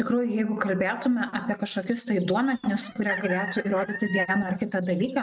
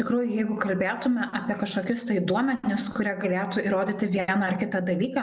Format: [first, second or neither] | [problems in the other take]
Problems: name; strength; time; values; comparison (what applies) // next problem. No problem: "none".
second | noise reduction (neural mask model RNNoise)